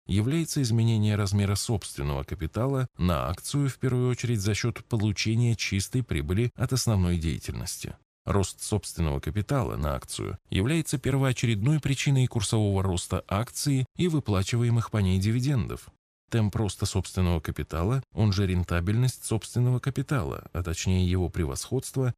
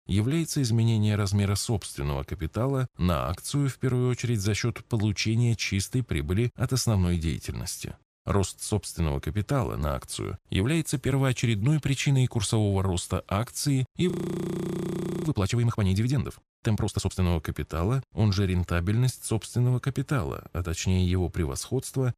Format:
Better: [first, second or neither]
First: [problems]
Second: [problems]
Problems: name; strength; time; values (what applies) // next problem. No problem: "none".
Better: first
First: none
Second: audio freezing; at 14 s for 1 s